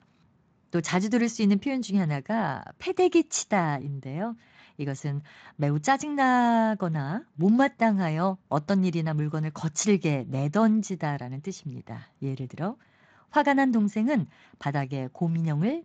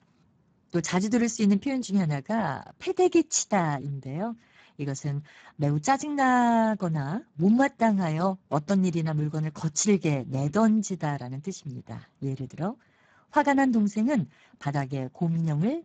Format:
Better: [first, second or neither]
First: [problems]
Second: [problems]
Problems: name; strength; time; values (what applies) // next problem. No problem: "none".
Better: first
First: garbled, watery; slightly; nothing above 7.5 kHz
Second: garbled, watery; badly; nothing above 7.5 kHz